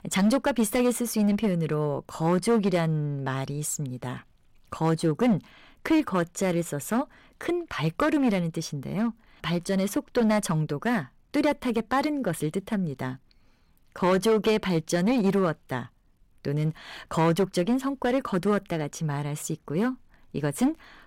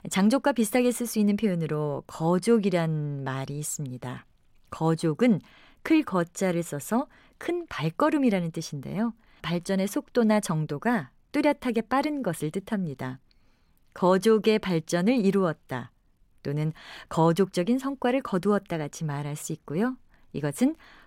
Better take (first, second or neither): second